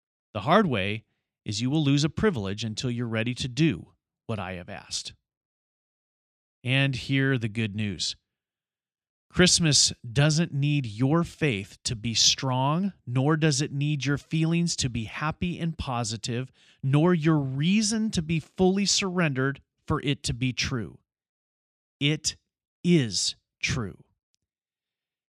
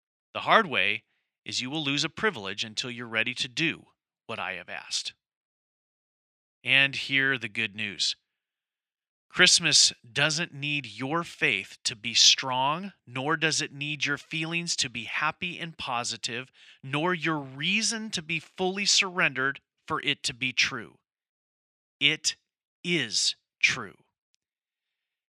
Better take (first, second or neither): first